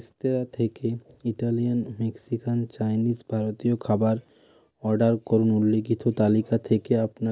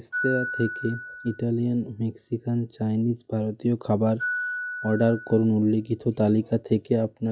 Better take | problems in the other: first | noise reduction (classical method log-MMSE)

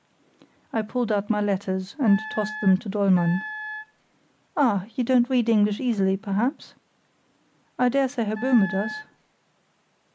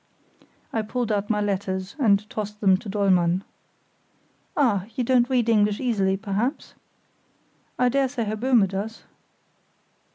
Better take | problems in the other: second | background sound (Wind instrument, woodwind instrument); 11 dB below the speech

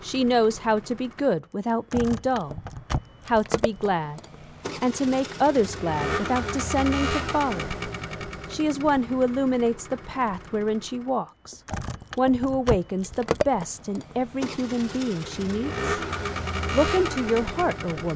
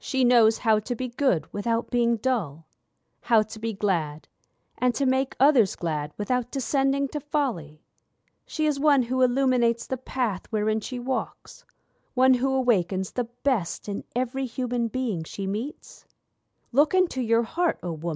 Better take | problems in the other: second | background sound (Vehicle); 6 dB below the speech

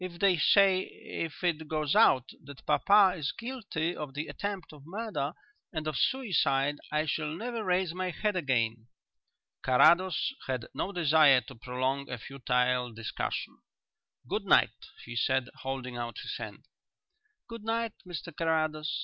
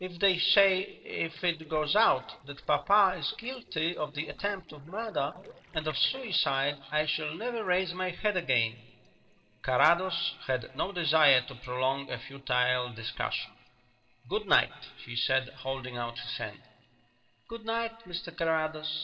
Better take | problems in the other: first | noise reduction (neural separator model SepFormer DNS4)

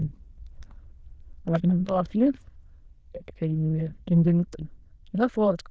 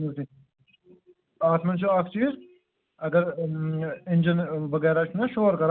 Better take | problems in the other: second | noise reduction (neural diffusion model UNIVERSE++)

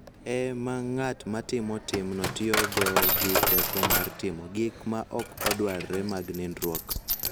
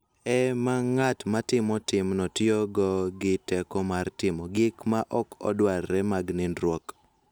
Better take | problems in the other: second | background sound (Coin (dropping)); 1 dB above the speech

